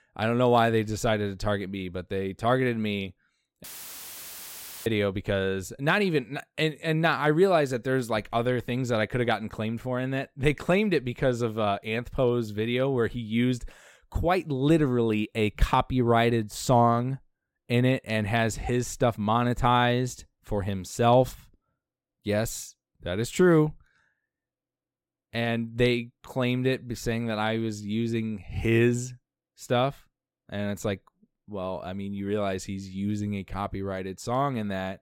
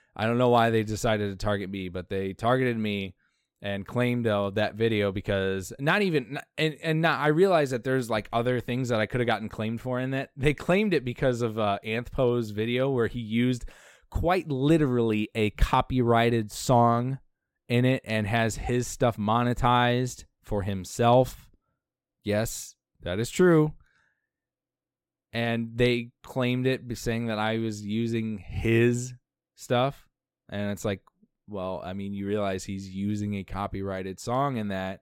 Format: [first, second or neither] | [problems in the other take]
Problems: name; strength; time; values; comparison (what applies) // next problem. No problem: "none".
second | audio cutting out; filled with static; at 3.5 s for 1 s